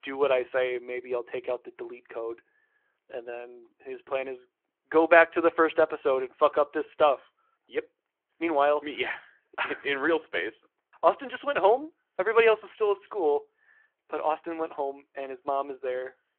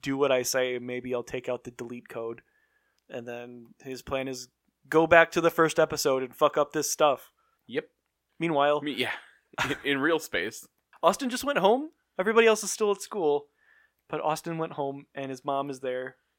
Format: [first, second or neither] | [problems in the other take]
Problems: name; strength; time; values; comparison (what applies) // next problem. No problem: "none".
second | phone-call audio